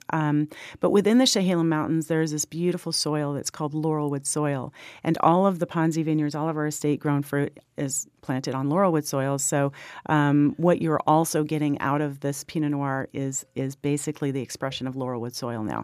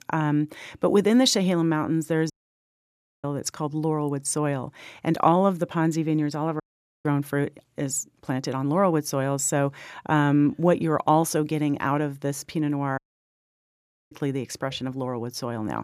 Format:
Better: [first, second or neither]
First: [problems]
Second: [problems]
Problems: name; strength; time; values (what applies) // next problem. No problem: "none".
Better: first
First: none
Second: audio cutting out; at 2.5 s for 1 s, at 6.5 s and at 13 s for 1 s